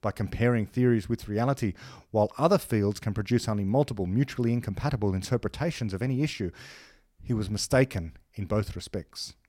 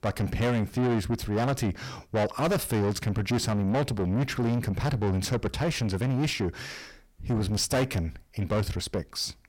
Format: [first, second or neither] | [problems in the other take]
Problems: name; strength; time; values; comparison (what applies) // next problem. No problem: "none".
first | distortion; heavy; 6 dB below the speech